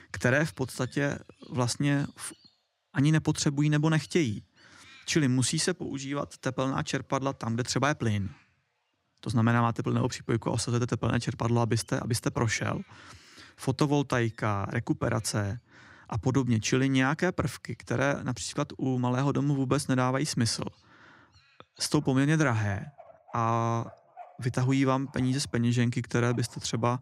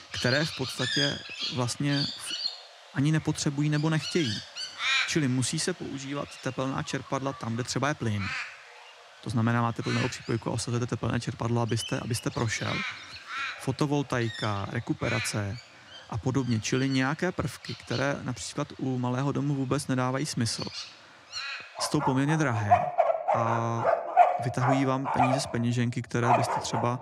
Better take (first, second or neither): first